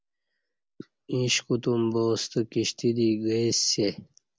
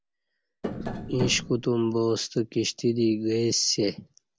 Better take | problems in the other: first | background sound (Tap); 6 dB below the speech

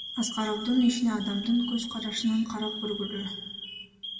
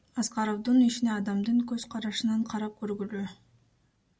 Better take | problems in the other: second | background sound (Alarm); 10 dB below the speech // room echo; dies away in 1.6 s

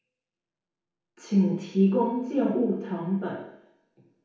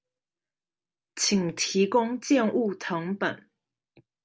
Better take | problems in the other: second | room echo; dies away in 0.9 s

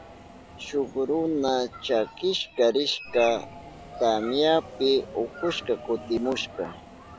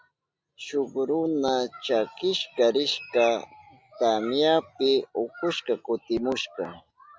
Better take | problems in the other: second | background sound (Subway, metro, underground); 18 dB below the speech

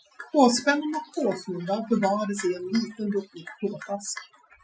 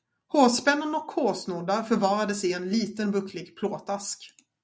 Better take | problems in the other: second | noise reduction (classical method Wiener filter)

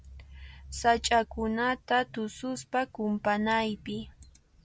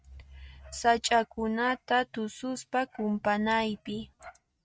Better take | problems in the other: first | noise reduction (neural mask model RNNoise)

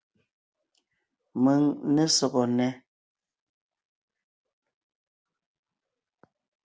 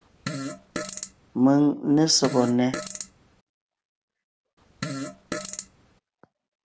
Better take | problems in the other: first | background sound (Fart); 9 dB below the speech

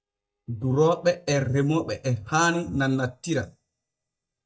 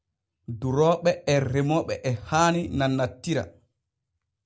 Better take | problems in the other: second | noise reduction (neural mask model DeepFilterNet 3)

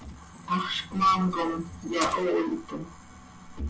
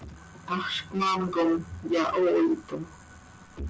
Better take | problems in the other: second | background sound (Keys jangling); 15 dB below the speech // room echo; dies away in 0.2 s

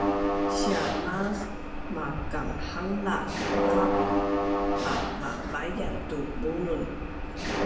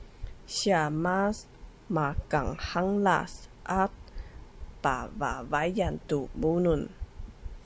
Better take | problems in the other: second | background sound (Mechanisms); 3 dB above the speech // room echo; dies away in 1 s

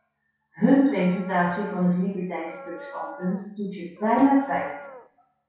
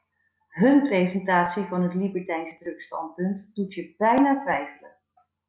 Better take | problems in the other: second | background sound (Dog); 17 dB below the speech // room echo; dies away in 0.5 s

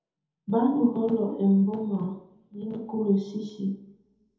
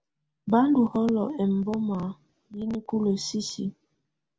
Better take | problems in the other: second | room echo; dies away in 0.7 s

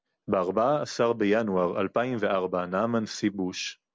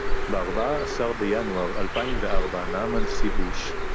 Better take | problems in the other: first | background sound (Bird); 5 dB above the speech

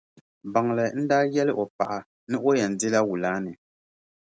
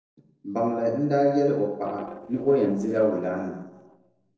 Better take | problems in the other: first | noise reduction (neural separator model SepFormer DNS4)

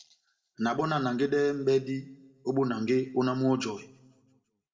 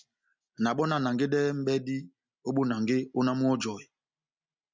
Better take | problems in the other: second | room echo; dies away in 0.8 s

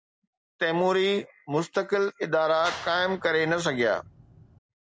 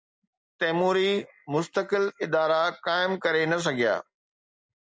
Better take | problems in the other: second | background sound (Clapping); 16 dB below the speech

